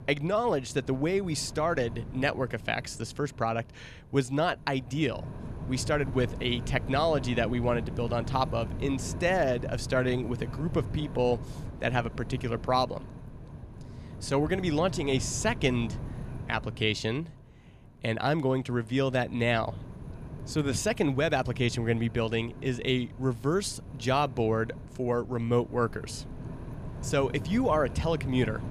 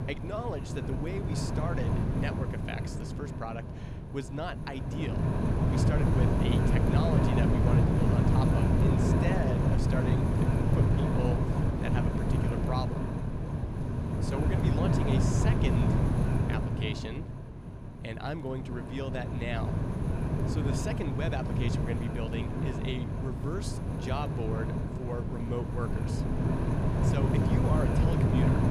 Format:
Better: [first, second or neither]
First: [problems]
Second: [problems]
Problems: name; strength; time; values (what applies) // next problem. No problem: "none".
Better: first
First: wind noise on the microphone; occasional gusts; 20 dB below the speech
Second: wind noise on the microphone; heavy; 3 dB above the speech